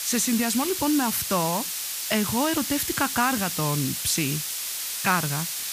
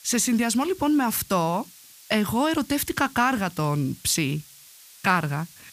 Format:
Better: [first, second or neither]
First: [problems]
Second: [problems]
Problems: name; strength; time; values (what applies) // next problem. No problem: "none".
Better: second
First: hiss; loud; throughout; 2 dB below the speech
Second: hiss; faint; throughout; 20 dB below the speech